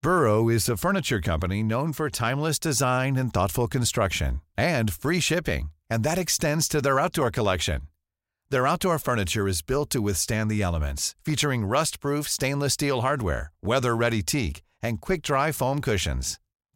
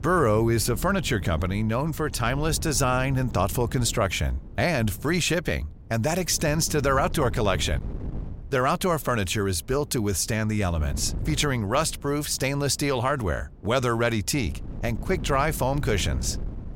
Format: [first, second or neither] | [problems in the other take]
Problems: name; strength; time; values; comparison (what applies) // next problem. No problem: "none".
first | wind noise on the microphone; occasional gusts; 20 dB below the speech